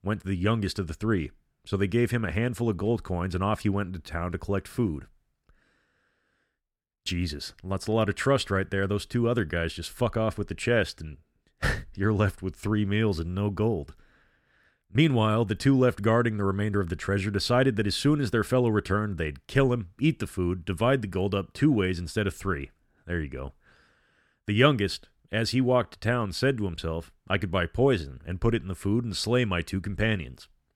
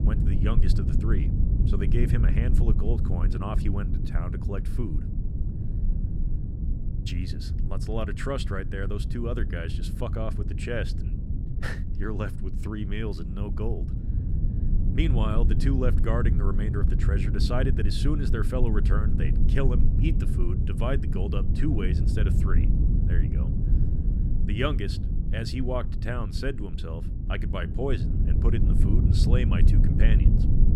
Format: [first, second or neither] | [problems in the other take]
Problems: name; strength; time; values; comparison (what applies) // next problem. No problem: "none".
first | low rumble; loud; throughout; 5 dB below the speech